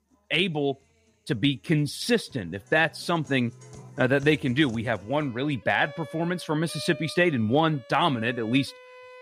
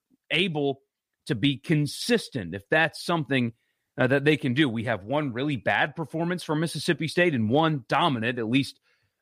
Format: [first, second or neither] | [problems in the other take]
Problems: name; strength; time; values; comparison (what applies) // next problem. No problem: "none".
second | background music; faint; throughout; 20 dB below the speech